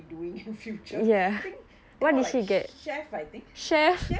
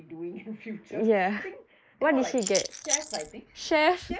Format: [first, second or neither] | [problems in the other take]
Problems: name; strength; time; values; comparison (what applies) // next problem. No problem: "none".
first | noise reduction (neural mask model Resemble Enhance denoiser)